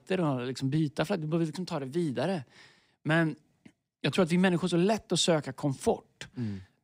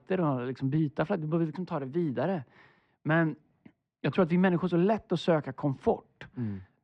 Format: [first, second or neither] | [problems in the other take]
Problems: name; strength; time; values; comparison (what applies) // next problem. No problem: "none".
first | muffled; very; fading above 2 kHz